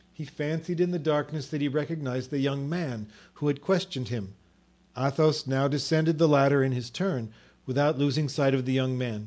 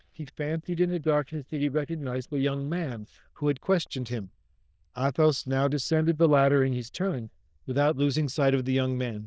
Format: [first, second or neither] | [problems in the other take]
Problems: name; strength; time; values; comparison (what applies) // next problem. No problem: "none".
first | noise reduction (neural diffusion model UNIVERSE++)